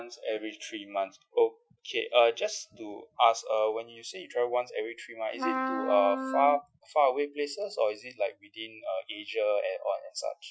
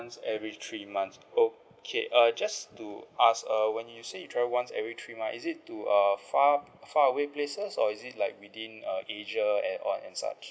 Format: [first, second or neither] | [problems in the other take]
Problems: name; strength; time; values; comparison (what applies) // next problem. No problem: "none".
second | noise reduction (classical method Wiener filter)